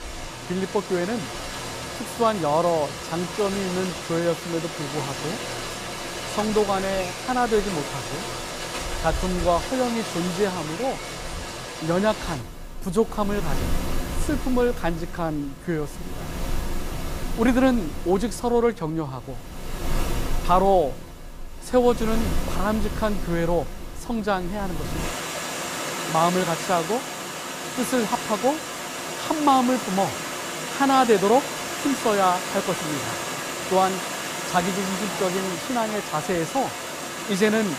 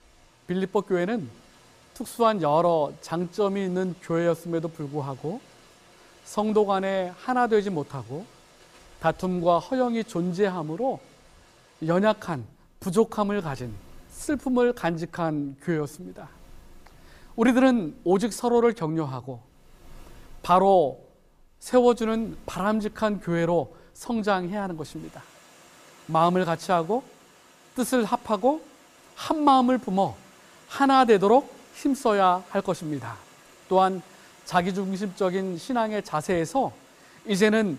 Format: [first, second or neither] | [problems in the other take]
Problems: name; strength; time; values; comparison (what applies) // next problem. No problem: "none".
second | rain or running water; loud; throughout; 6 dB below the speech; faint in the second